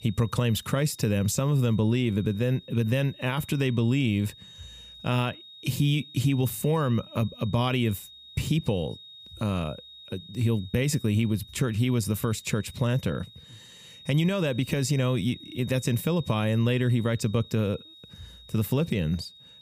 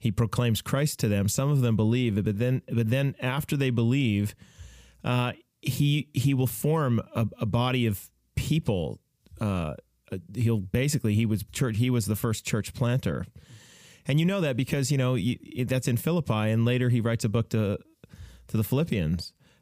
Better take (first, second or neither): second